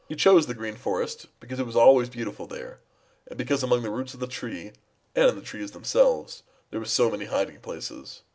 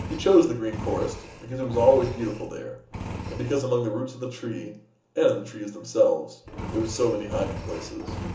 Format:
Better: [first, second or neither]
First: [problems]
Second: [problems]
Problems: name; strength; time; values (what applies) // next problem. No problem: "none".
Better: first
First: none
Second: background sound (Engine); 11 dB below the speech // room echo; dies away in 0.8 s